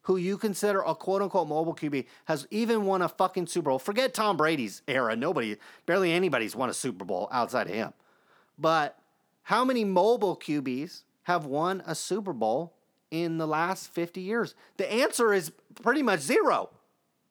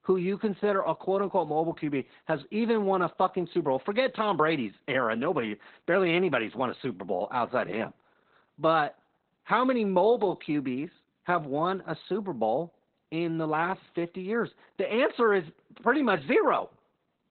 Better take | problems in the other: first | garbled, watery; badly; nothing above 4 kHz

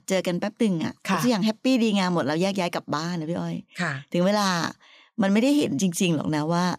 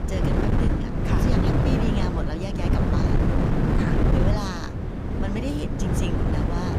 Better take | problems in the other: first | wind noise on the microphone; heavy; 4 dB above the speech

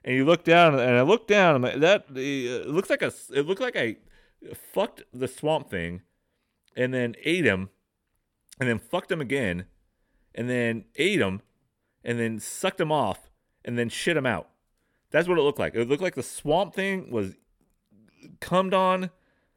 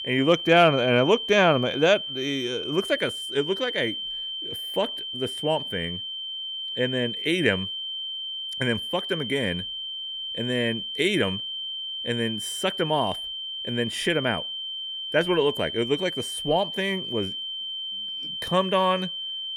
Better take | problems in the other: first | high-pitched whine; loud; throughout; 3 kHz, 5 dB below the speech

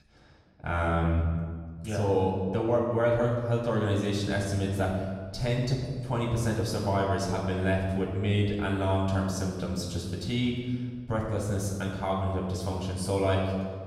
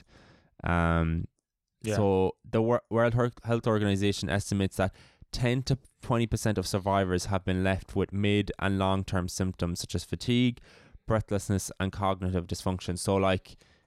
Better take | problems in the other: second | room echo; noticeable; dies away in 1.4 s // off-mic speech; far

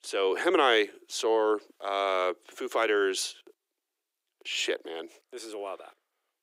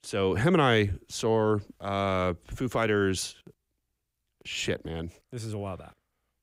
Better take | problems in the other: second | thin; very; fading below 350 Hz

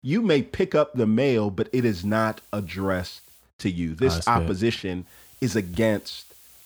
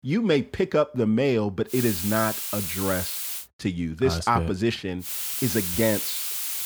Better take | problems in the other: first | hiss; loud; from 1.5 to 3.5 s and from 5 s on; 1 dB below the speech; faint in the first

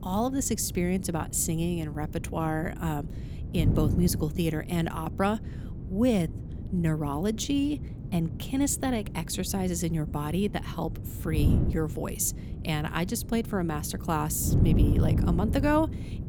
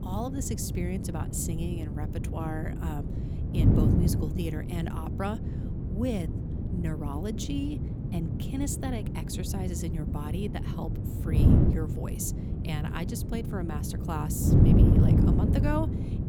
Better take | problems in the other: first | wind noise on the microphone; heavy; as loud as the speech; occasional gusts in the first

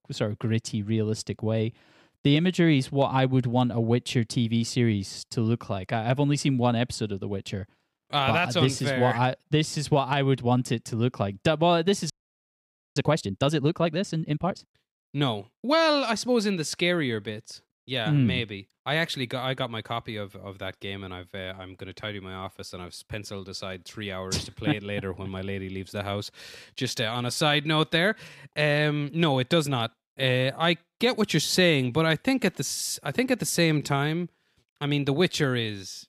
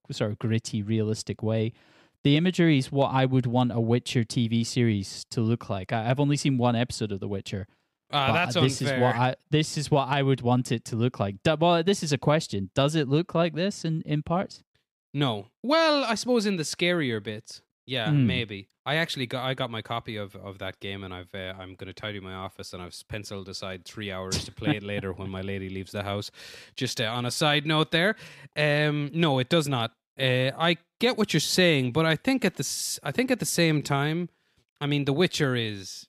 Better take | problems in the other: second | audio freezing; at 12 s for 1 s

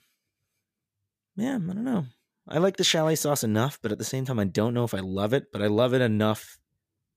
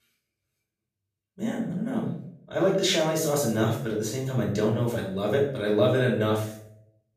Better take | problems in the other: first | off-mic speech; far // room echo; noticeable; dies away in 0.5 s

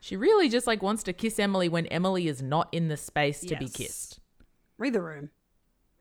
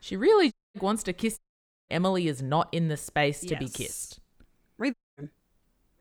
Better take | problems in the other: first | audio cutting out; at 0.5 s, at 1.5 s for 0.5 s and at 5 s

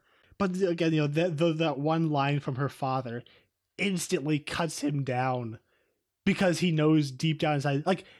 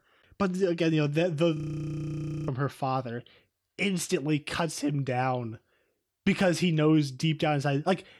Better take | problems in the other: first | audio freezing; at 1.5 s for 1 s

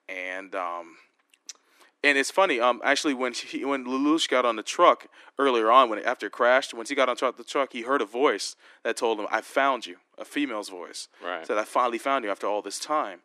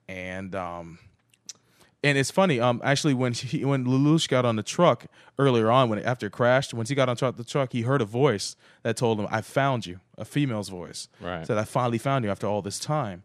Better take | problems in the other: second | thin; somewhat; fading below 300 Hz

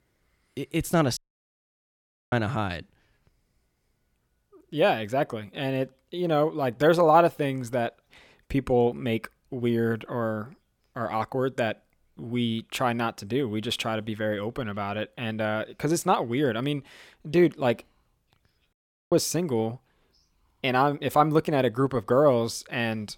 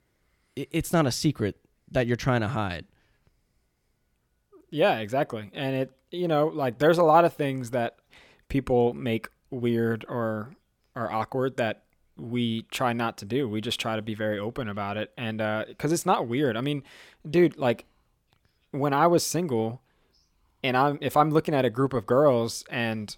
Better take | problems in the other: second | audio cutting out; at 1 s for 1 s and at 19 s

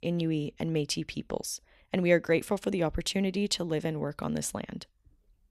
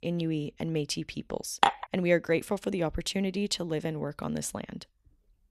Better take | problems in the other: first | clattering dishes; loud; at 1.5 s; peak 5 dB above the speech

